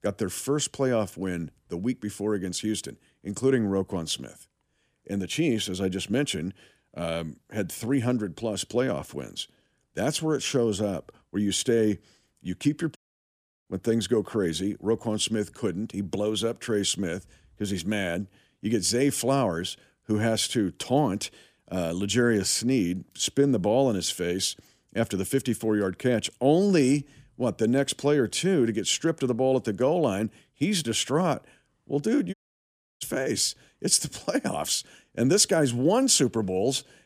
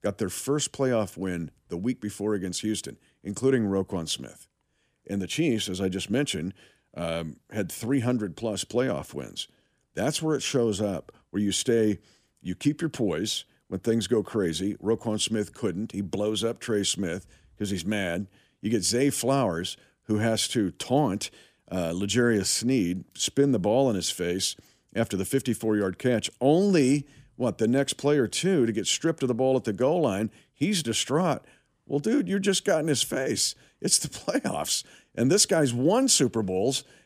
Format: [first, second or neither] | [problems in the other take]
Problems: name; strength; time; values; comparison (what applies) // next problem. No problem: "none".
second | audio cutting out; at 13 s for 0.5 s and at 32 s for 0.5 s